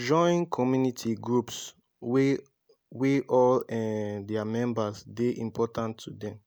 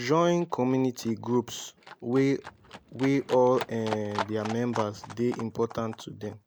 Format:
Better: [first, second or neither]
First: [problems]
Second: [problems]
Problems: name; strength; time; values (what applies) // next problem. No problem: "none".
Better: first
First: none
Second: background sound (Livestock, farm animals, working animals); 14 dB below the speech